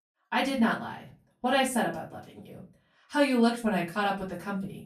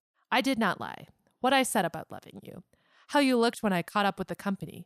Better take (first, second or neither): second